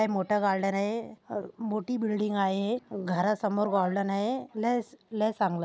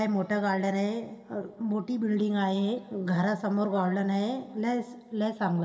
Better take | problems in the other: first | room echo; dies away in 1.6 s

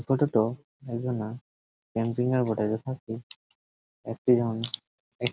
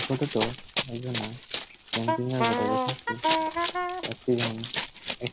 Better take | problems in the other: first | background sound (Wind instrument, woodwind instrument + Run); 2 dB above the speech

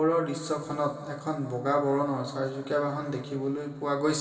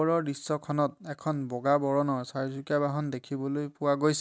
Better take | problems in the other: second | room echo; dies away in 2.5 s

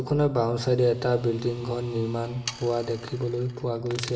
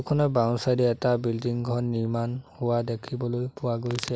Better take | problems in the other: second | background sound (Sawing); 18 dB below the speech // room echo; dies away in 0.9 s

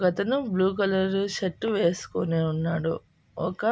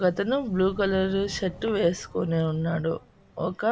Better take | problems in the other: first | background sound (Subway, metro, underground); 20 dB below the speech

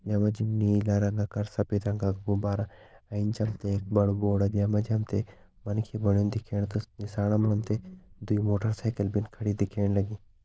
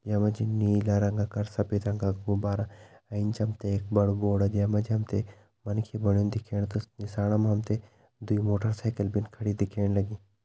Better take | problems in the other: second | noise reduction (neural diffusion model UNIVERSE++)

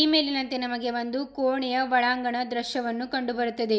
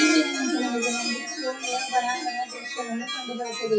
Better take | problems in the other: first | noise reduction (classical method WPE with log-MMSE)

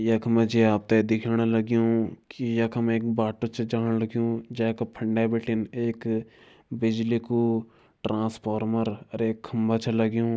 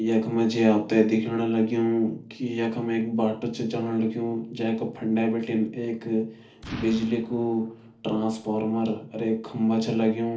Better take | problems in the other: first | noise reduction (neural separator model SepFormer DNS4)

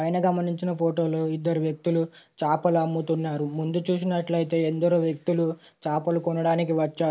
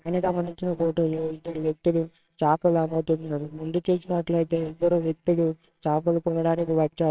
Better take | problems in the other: first | noise reduction (neural separator model SepFormer WHAMR!)

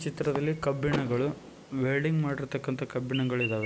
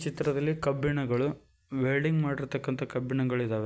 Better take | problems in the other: second | background sound (Chirp, tweet + Door / Car); 11 dB below the speech

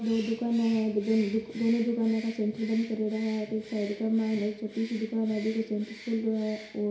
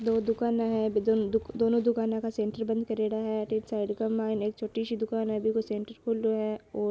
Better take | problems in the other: second | background sound (Bird); 20 dB below the speech // room echo; dies away in 0.7 s

